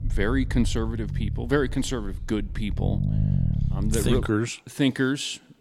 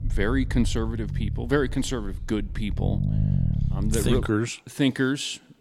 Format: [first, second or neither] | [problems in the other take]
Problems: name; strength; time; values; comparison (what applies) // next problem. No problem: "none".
neither | low rumble; noticeable; until 4.5 s; 10 dB below the speech; the same in both